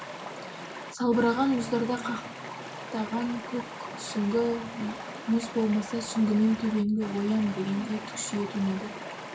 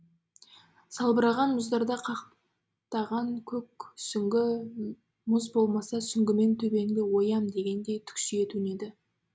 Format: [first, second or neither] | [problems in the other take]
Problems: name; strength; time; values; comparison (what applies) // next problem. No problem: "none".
second | background sound (Stream); 10 dB below the speech // room echo; dies away in 0.4 s